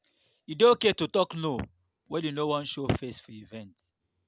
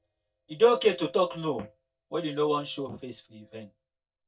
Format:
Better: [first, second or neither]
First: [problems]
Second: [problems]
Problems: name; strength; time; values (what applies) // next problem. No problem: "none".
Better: first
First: none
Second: noise reduction (neural mask model DeepFilterNet 3)